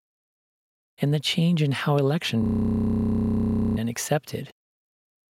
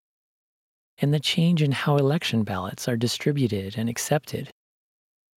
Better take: second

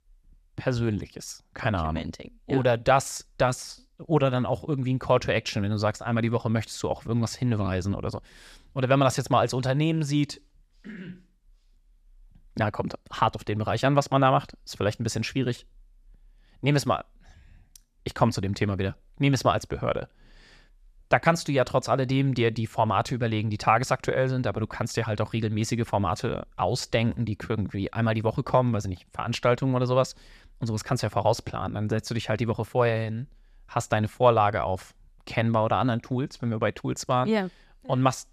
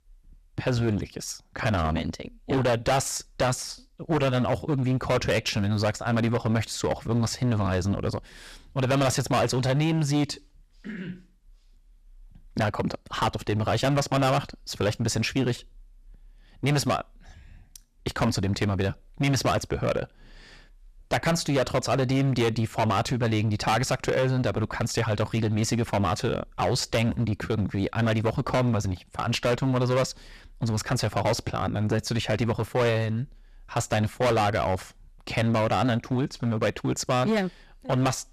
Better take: first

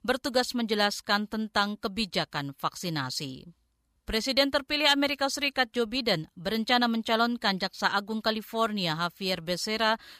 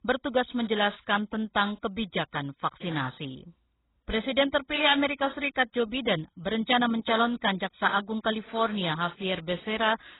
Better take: first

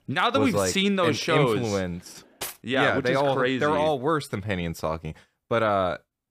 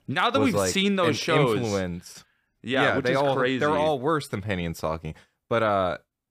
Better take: second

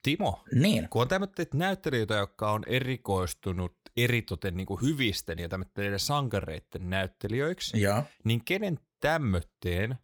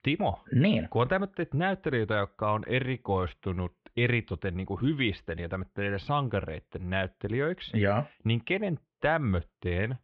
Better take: first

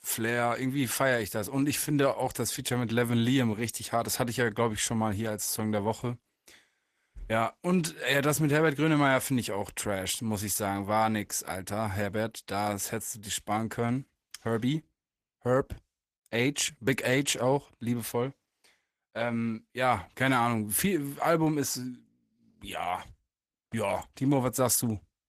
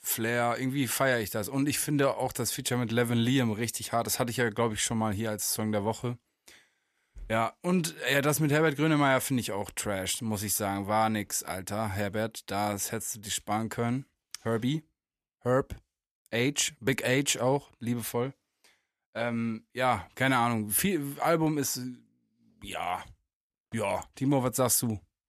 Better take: second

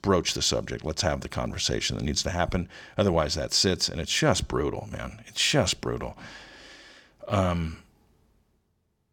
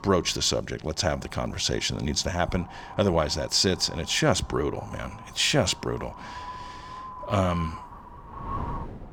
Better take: first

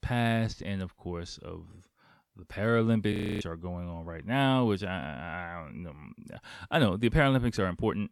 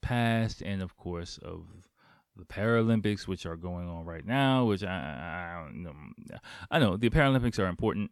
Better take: second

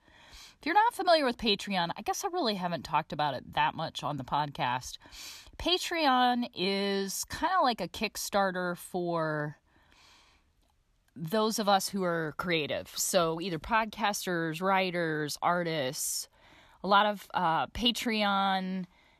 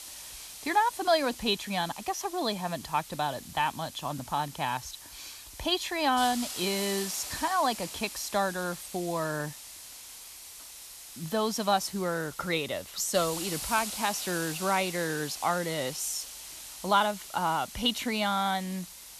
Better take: first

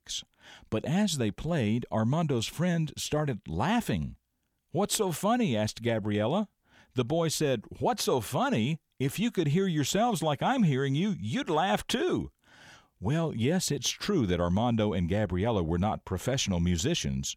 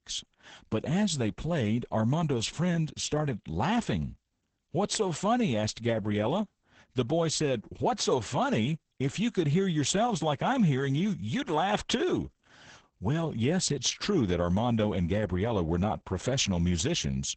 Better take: first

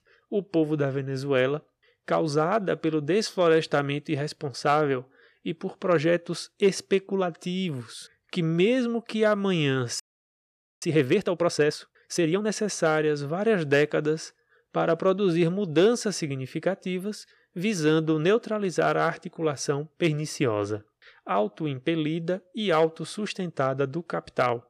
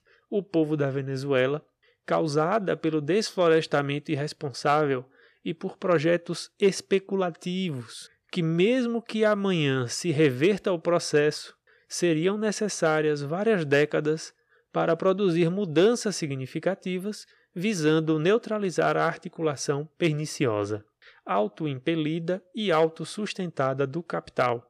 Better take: second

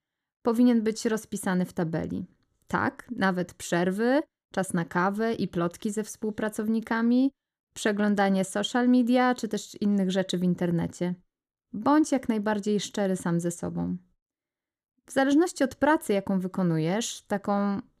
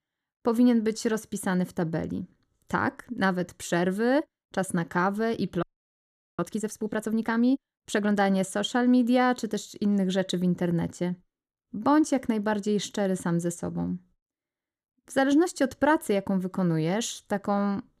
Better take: first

